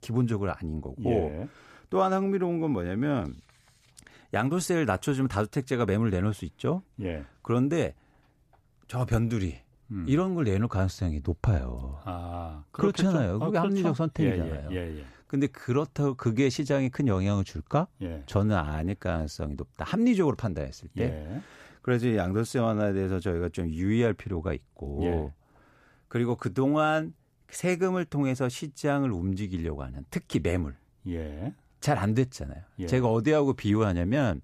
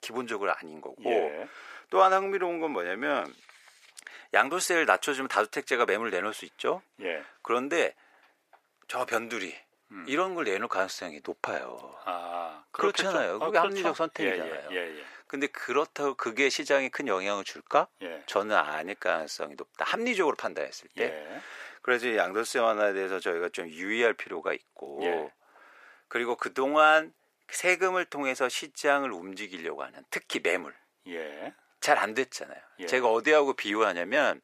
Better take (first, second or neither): first